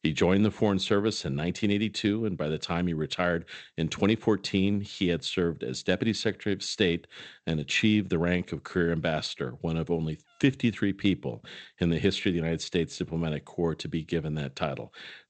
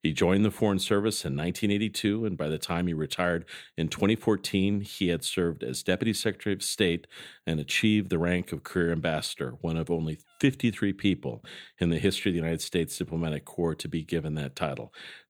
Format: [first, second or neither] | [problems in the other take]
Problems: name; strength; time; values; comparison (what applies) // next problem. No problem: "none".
second | garbled, watery; slightly; nothing above 8 kHz